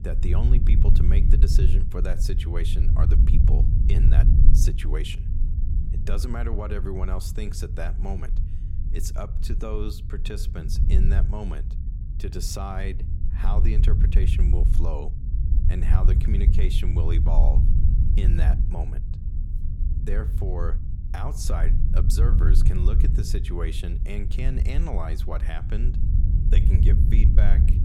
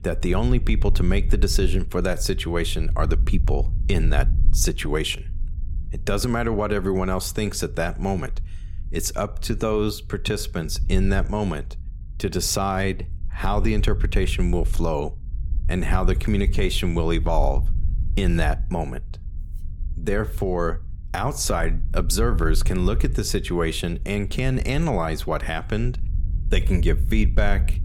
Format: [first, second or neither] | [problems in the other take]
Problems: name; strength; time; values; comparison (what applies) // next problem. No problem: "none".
second | low rumble; loud; throughout; 4 dB below the speech; faint in the second